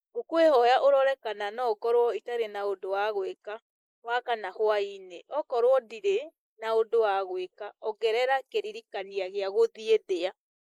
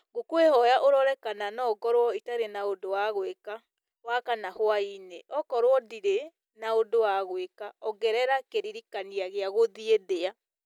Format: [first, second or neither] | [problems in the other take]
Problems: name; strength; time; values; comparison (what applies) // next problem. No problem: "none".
second | noise reduction (neural mask model Resemble Enhance denoiser)